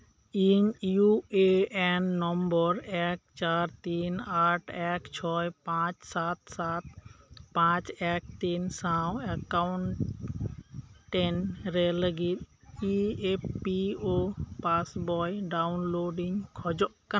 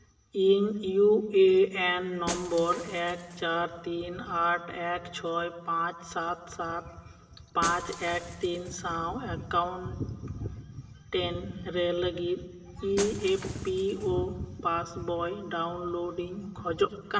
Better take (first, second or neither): first